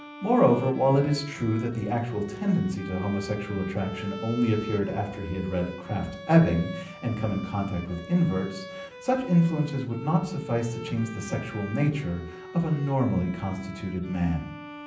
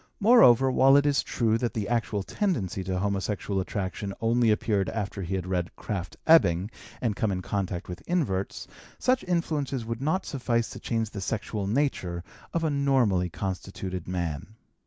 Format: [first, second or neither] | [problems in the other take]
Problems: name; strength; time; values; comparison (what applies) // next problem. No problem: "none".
second | background sound (Bowed string instrument); 15 dB below the speech // room echo; dies away in 0.6 s